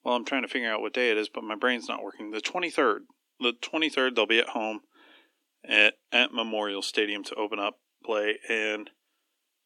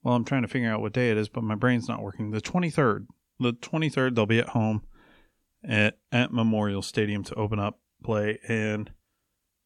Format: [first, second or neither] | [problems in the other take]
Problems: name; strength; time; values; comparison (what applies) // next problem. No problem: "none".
second | thin; somewhat; fading below 300 Hz